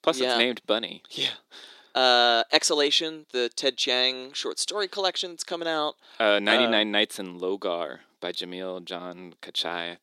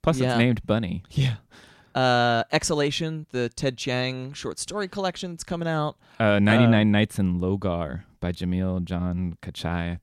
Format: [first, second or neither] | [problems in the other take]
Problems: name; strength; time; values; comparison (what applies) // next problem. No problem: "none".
second | thin; somewhat; fading below 350 Hz